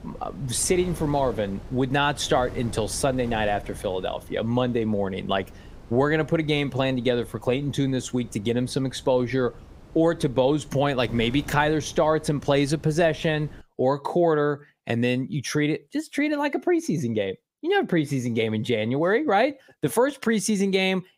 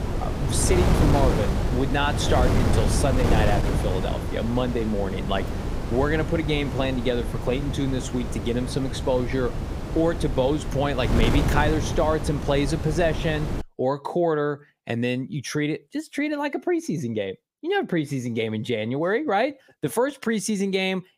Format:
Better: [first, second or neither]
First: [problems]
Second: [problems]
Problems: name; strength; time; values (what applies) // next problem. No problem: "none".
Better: first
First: wind noise on the microphone; occasional gusts; until 14 s; 25 dB below the speech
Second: wind noise on the microphone; heavy; until 14 s; 5 dB below the speech